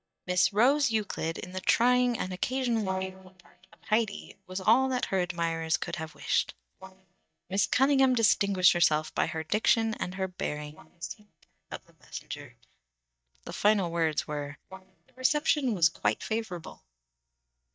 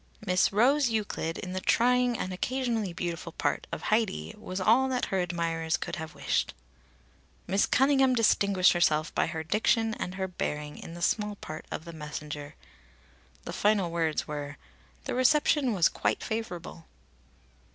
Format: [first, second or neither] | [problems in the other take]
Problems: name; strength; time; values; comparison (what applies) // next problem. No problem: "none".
second | noise reduction (neural mask model DeepFilterNet 3)